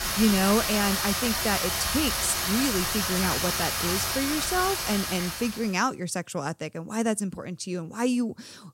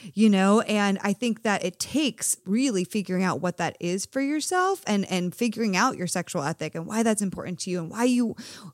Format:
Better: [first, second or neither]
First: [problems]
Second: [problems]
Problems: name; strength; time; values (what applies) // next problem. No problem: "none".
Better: second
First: rain or running water; very loud; until 5.5 s; 1 dB above the speech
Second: none